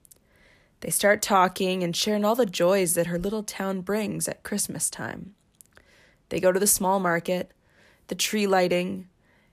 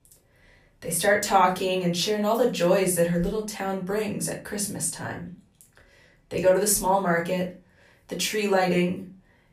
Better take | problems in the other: first | off-mic speech; far // room echo; very slight; dies away in 0.3 s

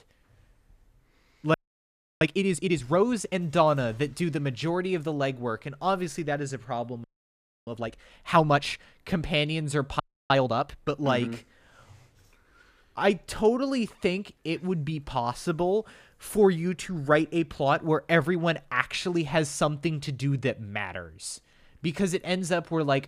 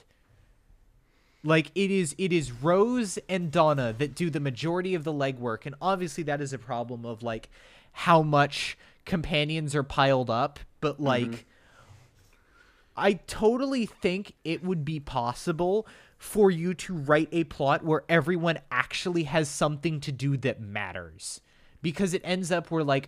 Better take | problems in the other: second | audio freezing; at 1.5 s for 0.5 s, at 7 s for 0.5 s and at 10 s

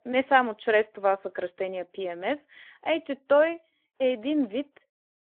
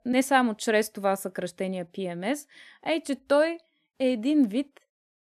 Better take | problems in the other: second | phone-call audio

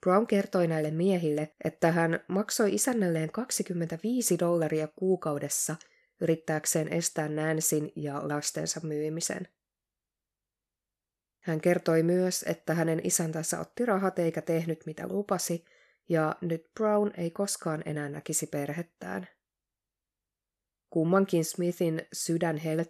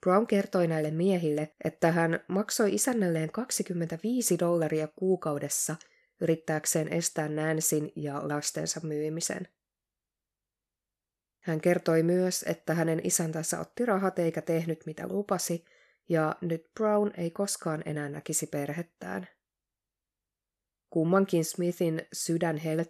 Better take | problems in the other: neither | none

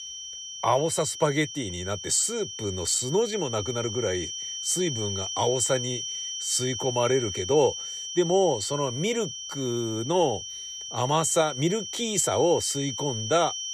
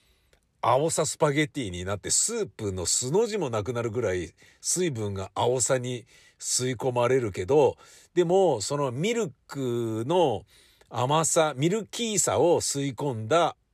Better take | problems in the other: second | high-pitched whine; loud; throughout; 3 kHz, 6 dB below the speech

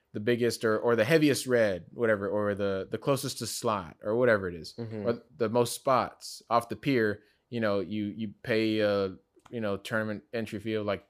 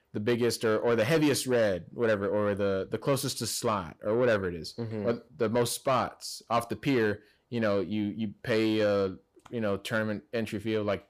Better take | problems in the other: first | distortion; slight; 10 dB below the speech

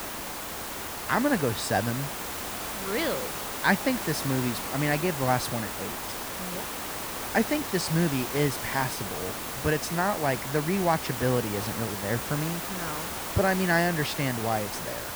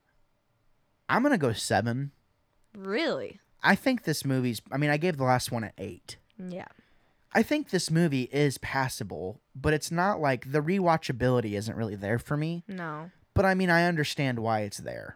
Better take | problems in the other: second | hiss; loud; throughout; 4 dB below the speech

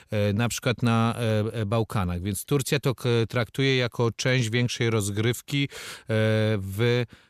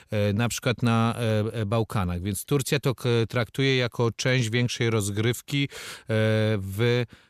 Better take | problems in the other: neither | none

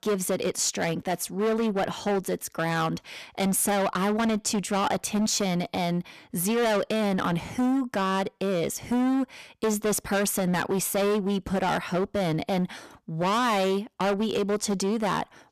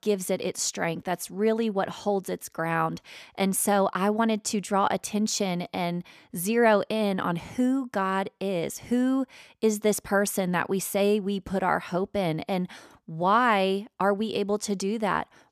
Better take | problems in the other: second | distortion; heavy; 19% of the sound clipped

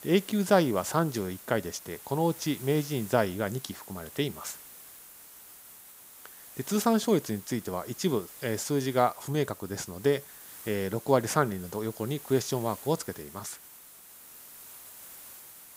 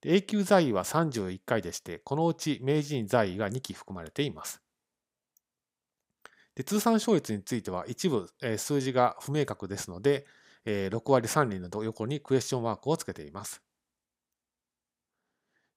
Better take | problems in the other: second | hiss; noticeable; throughout; 15 dB below the speech

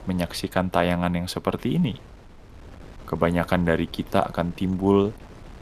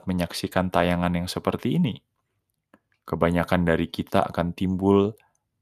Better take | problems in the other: second | wind noise on the microphone; occasional gusts; 25 dB below the speech

